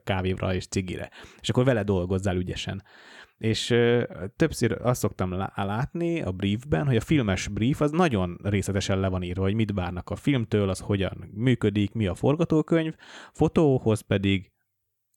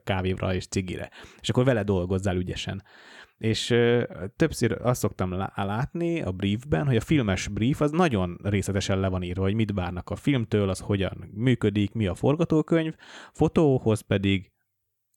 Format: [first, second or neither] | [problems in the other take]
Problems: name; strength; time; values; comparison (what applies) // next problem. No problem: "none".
neither | none